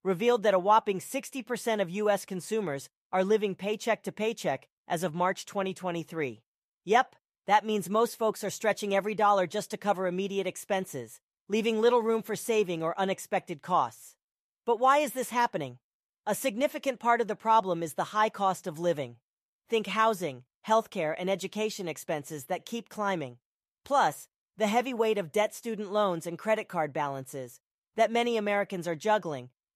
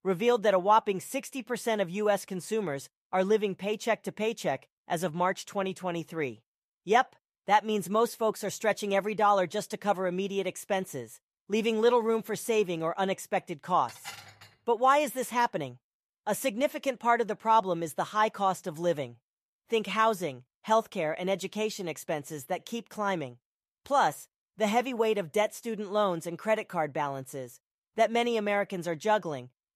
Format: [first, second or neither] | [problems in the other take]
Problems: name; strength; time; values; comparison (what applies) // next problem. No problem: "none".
first | clattering dishes; faint; at 14 s; peak 15 dB below the speech